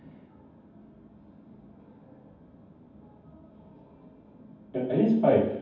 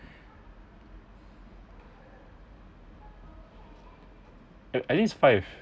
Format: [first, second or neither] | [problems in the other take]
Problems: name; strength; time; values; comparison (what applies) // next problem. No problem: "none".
second | room echo; dies away in 0.9 s